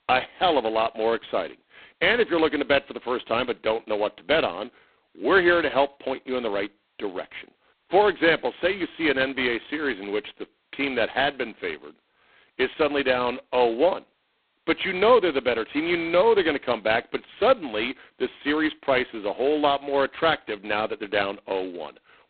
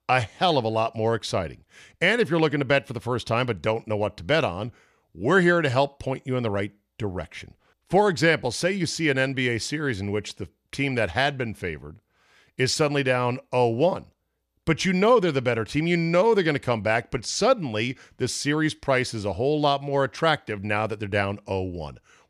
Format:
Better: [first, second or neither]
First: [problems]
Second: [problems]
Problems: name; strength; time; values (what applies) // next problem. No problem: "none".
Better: second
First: phone-call audio; poor line; nothing above 4 kHz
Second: none